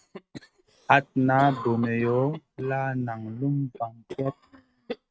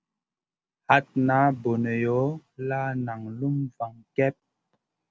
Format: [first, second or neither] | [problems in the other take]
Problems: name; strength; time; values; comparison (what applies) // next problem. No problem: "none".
second | noise reduction (neural mask model RNNoise)